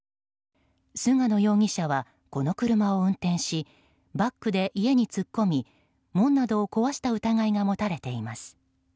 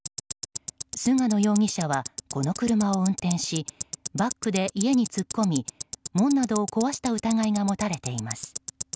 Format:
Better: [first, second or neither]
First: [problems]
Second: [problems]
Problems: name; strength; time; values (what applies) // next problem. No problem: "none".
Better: first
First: none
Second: background sound (Tick-tock); 11 dB below the speech